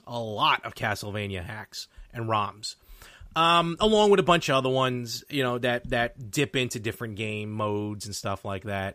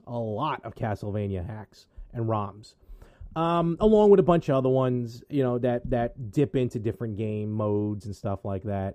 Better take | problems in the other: first | muffled; slightly; fading above 1 kHz

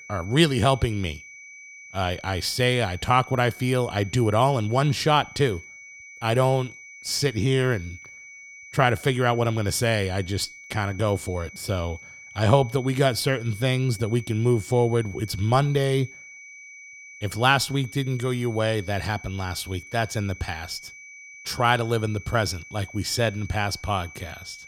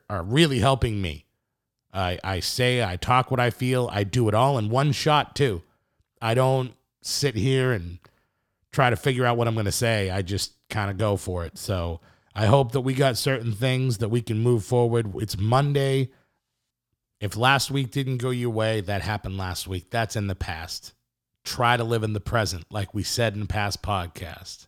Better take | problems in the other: second | high-pitched whine; noticeable; throughout; 2.5 kHz, 20 dB below the speech

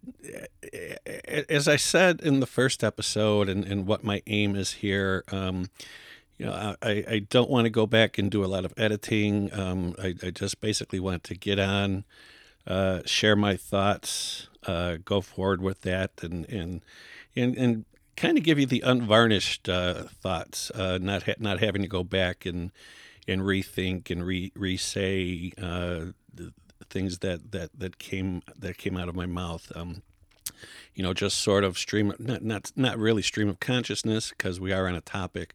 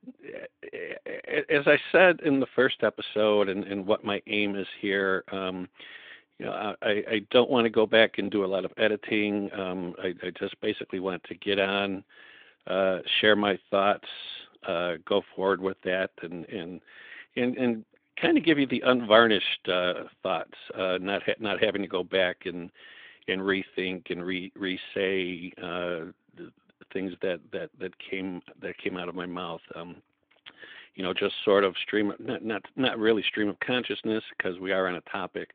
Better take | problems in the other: first | phone-call audio; nothing above 3.5 kHz

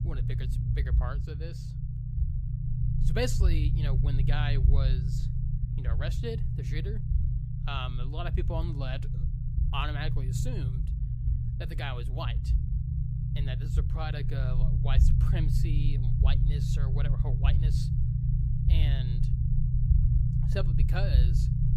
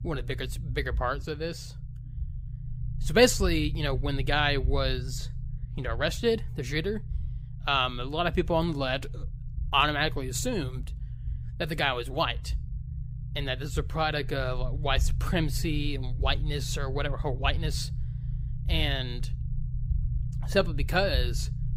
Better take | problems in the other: second | low rumble; loud; throughout; 3 dB below the speech; faint in the second

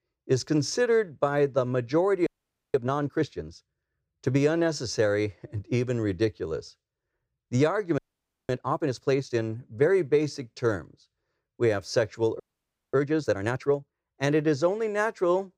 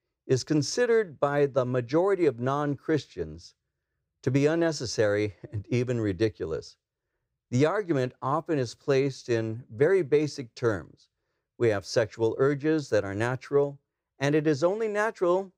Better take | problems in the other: second | audio freezing; at 2.5 s, at 8 s for 0.5 s and at 12 s for 0.5 s

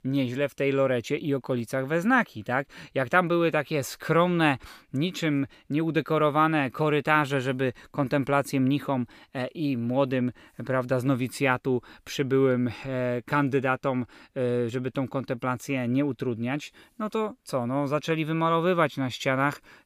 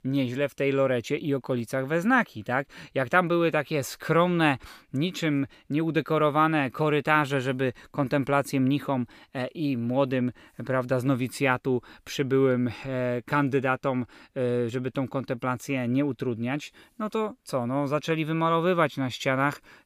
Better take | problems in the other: neither | none

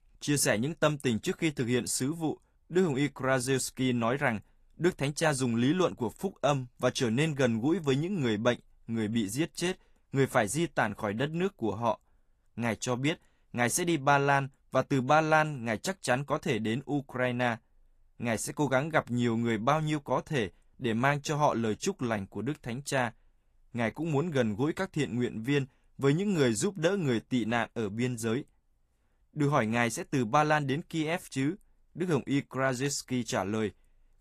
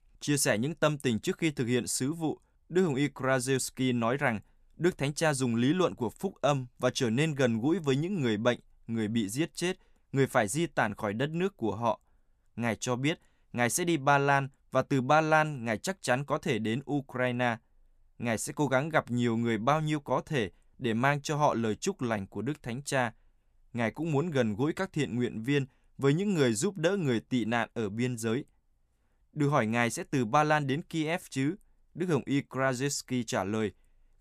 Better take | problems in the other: second | garbled, watery; slightly; nothing above 14.5 kHz

